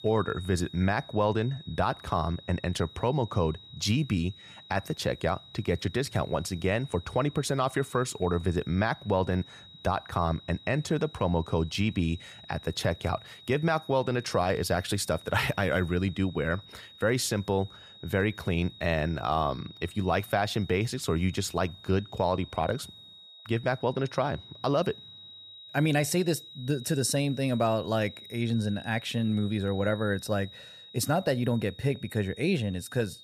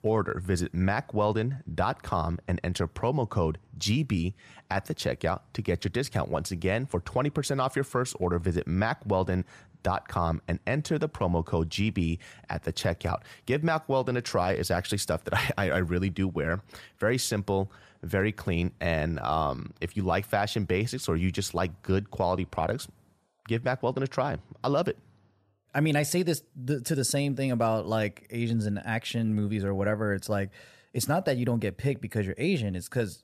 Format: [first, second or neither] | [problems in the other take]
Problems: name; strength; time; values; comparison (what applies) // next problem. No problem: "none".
second | high-pitched whine; noticeable; throughout; 4 kHz, 20 dB below the speech